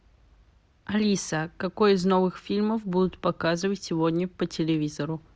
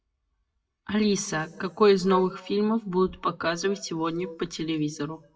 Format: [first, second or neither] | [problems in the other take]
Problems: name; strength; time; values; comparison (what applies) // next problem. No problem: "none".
first | noise reduction (classical method WPE with log-MMSE)